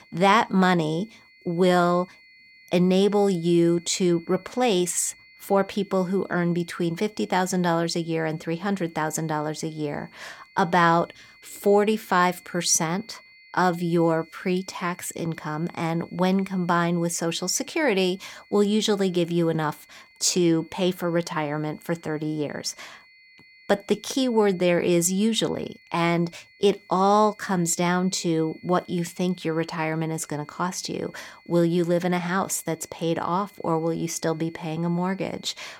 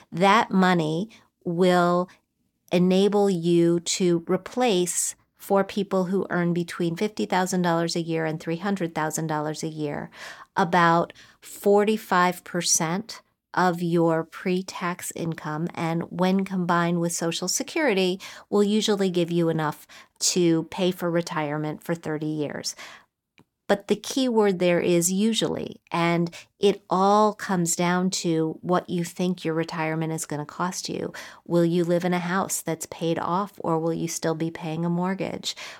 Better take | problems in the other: second | high-pitched whine; faint; throughout; 2 kHz, 25 dB below the speech

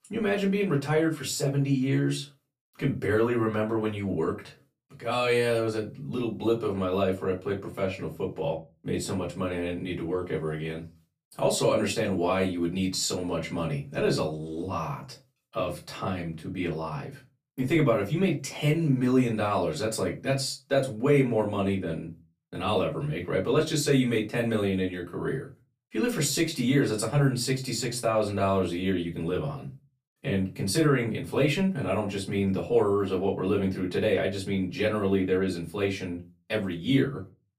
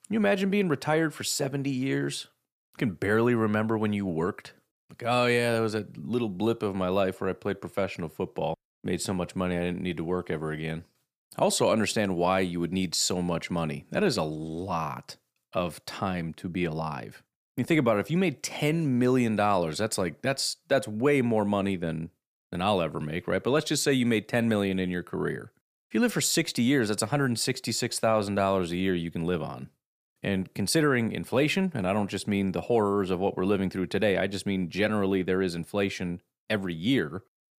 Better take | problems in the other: second | off-mic speech; far // room echo; very slight; dies away in 0.2 s

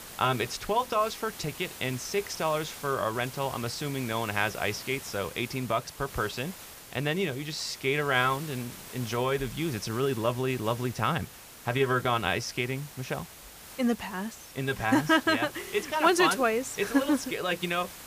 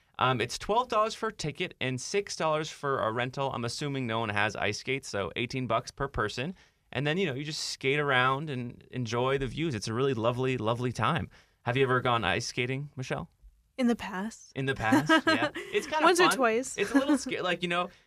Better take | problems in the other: second | hiss; noticeable; throughout; 15 dB below the speech

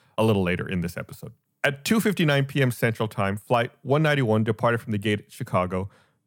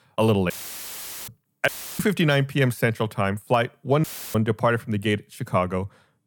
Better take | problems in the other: first | audio cutting out; filled with static; at 0.5 s for 1 s, at 1.5 s and at 4 s

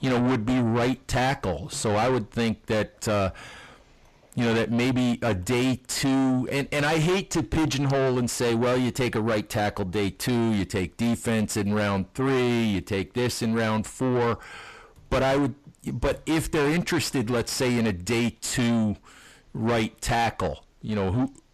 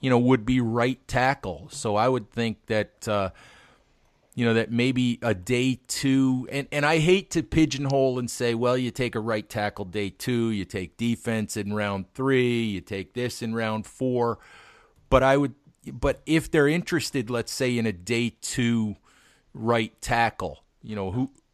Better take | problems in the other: second | distortion; heavy; 6 dB below the speech

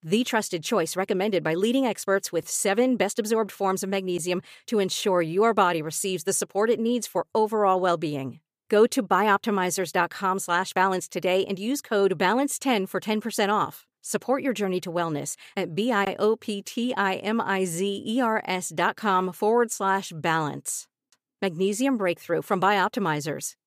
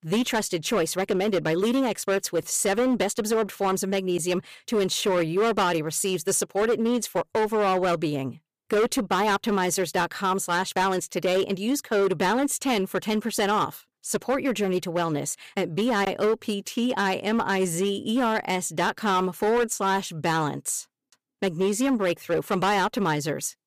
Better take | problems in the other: first | distortion; slight; 11% of the sound clipped

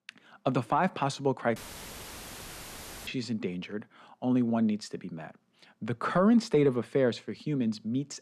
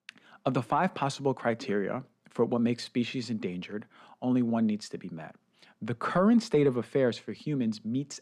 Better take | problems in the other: second | audio cutting out; filled with static; at 1.5 s for 1.5 s

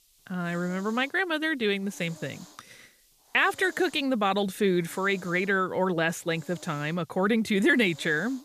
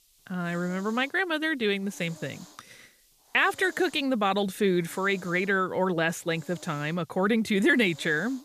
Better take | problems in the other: neither | hiss; faint; throughout; 25 dB below the speech; the same in both

